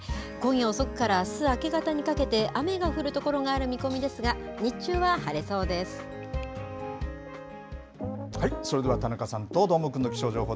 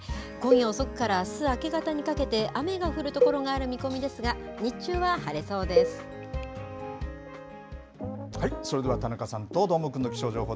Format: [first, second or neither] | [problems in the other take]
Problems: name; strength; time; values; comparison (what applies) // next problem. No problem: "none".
first | background sound (Cowbell); 1 dB below the speech